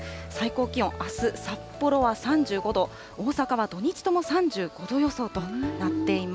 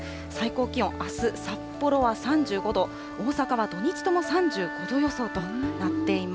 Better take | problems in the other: first | background sound (Wind instrument, woodwind instrument); 11 dB below the speech

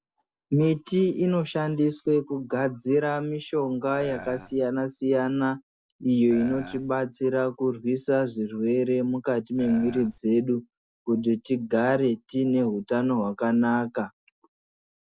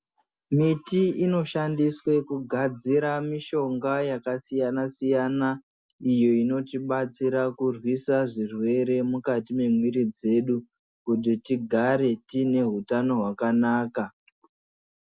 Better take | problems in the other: second | noise reduction (neural separator model SepFormer DNS4)

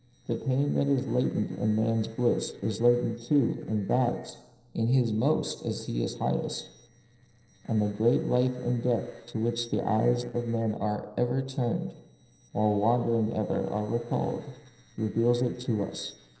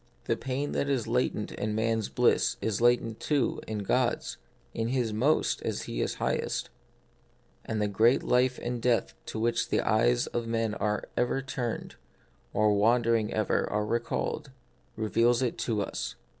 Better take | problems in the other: second | noise reduction (neural separator model SepFormer DNS4)

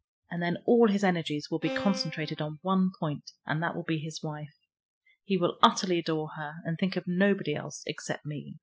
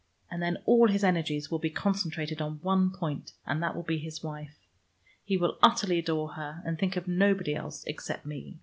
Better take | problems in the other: second | noise reduction (classical method spectral subtraction)

